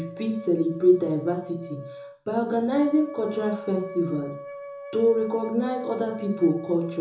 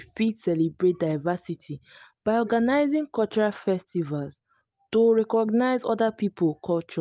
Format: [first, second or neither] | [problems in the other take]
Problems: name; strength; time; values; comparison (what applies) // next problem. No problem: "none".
second | background sound (Wind instrument, woodwind instrument); 14 dB below the speech // room echo; dies away in 0.6 s